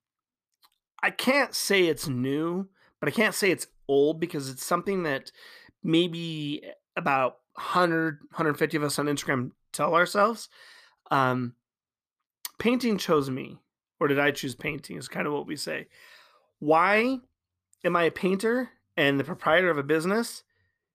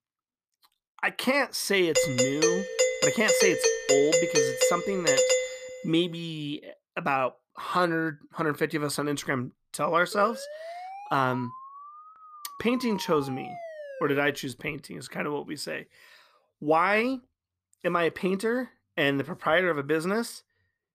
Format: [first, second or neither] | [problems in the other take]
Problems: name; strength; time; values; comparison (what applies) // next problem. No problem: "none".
first | doorbell; loud; from 2 to 5.5 s; peak 6 dB above the speech // siren; faint; from 10 to 14 s; peak 10 dB below the speech